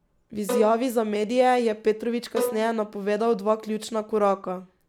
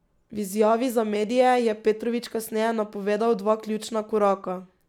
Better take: second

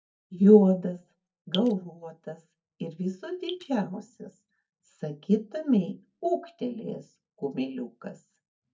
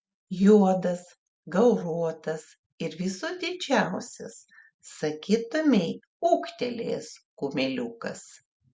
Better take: second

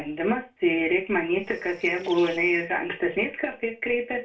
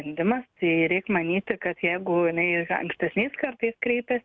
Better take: second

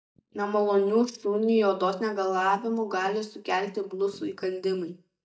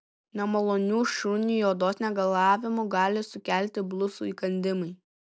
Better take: second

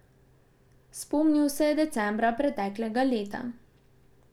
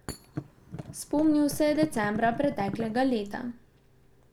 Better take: first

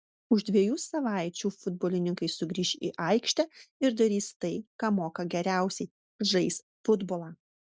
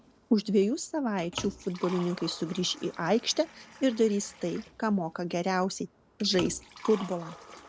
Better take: first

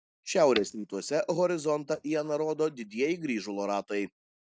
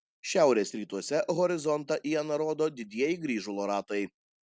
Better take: second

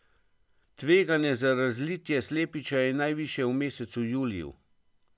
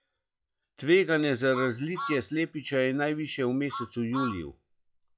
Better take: first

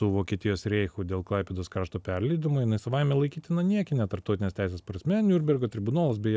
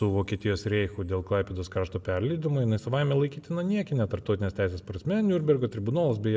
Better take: first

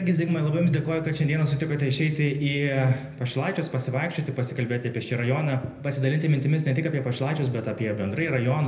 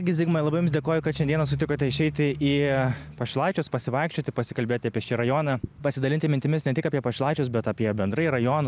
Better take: second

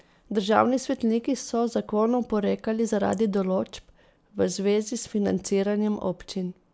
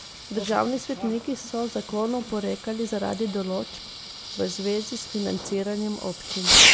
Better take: first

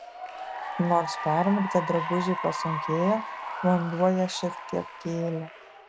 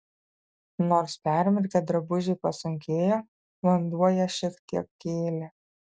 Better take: second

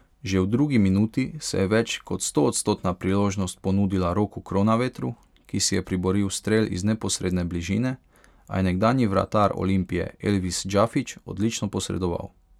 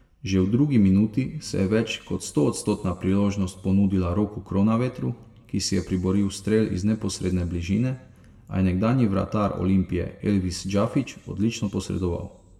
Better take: first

